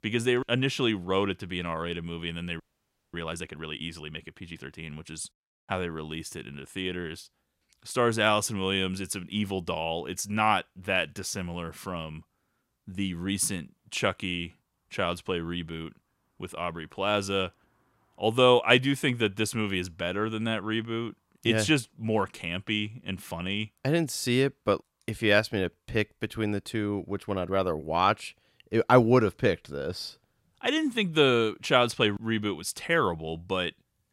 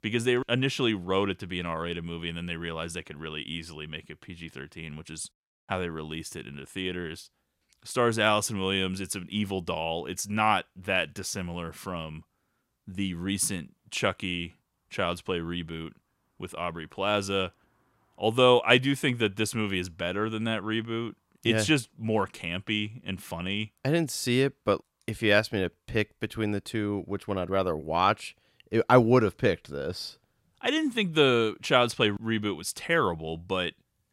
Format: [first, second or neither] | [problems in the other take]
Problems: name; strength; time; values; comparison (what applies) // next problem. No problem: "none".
second | audio freezing; at 2.5 s for 0.5 s